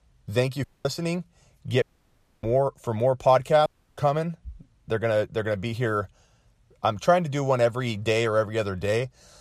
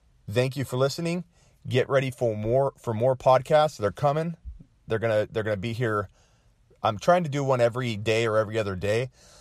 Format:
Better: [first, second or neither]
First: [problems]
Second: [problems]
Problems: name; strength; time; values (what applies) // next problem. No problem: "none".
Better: second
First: audio cutting out; at 0.5 s, at 2 s for 0.5 s and at 3.5 s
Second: none